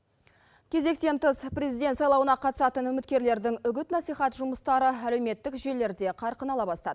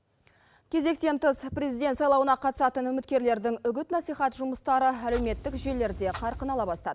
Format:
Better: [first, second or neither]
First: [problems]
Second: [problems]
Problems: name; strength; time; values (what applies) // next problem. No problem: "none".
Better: first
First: none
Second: background sound (Clock); 11 dB below the speech